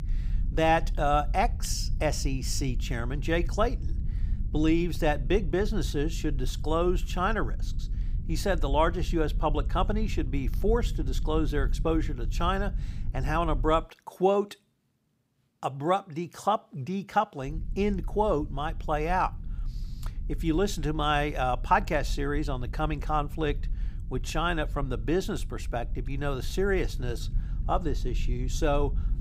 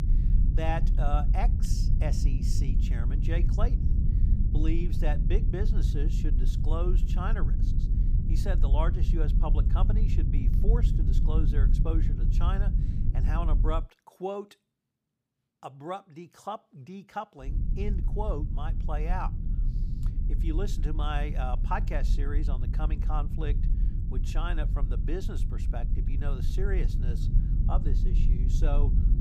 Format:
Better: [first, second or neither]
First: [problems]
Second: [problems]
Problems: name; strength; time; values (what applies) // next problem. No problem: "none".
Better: first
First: low rumble; faint; until 14 s and from 17 s on; 25 dB below the speech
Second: low rumble; loud; until 14 s and from 17 s on; 7 dB below the speech